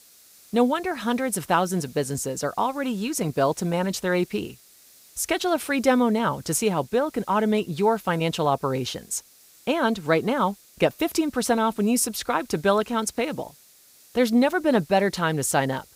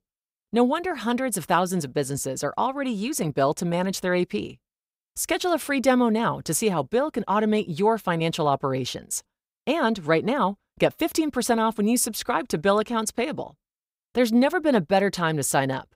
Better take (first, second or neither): second